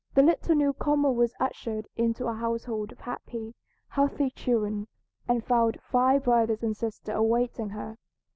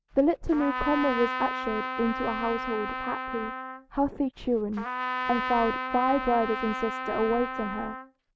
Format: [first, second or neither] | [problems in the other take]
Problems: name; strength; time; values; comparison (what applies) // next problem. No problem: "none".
first | background sound (Trumpet); 5 dB below the speech